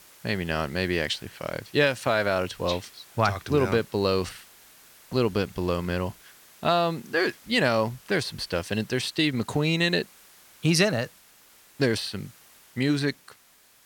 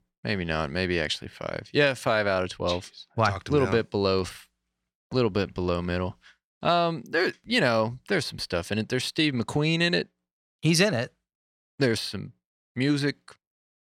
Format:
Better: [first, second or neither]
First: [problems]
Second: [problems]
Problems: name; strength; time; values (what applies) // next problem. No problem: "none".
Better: second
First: hiss; faint; throughout; 25 dB below the speech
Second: none